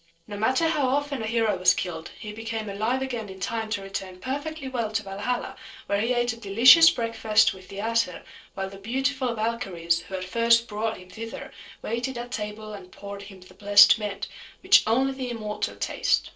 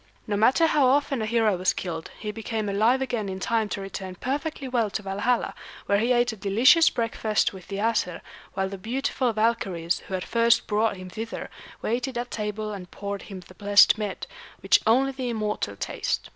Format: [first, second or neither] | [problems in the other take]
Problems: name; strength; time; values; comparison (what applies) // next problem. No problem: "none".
second | noise reduction (neural separator model SepFormer DNS4)